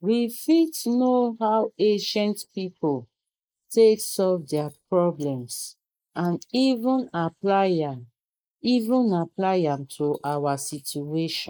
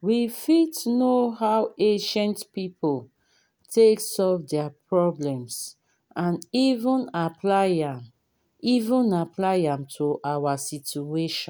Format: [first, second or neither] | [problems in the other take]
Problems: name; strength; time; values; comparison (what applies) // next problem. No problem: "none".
second | noise reduction (neural mask model Resemble Enhance denoiser)